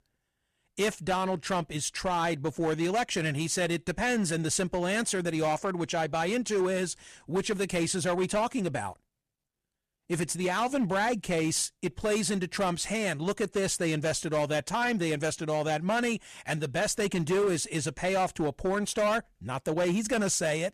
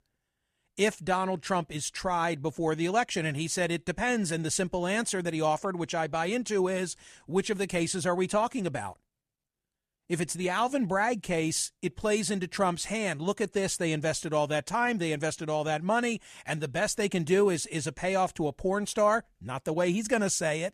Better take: second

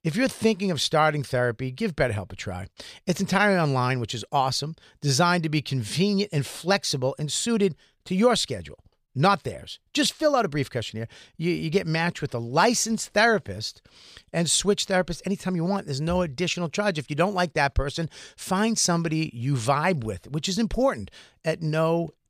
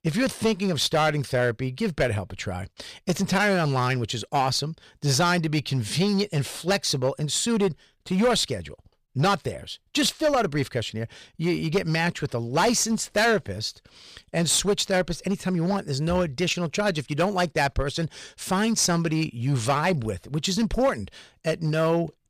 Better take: first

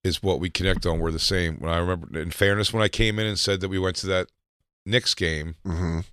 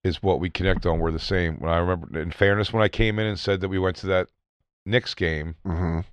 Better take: first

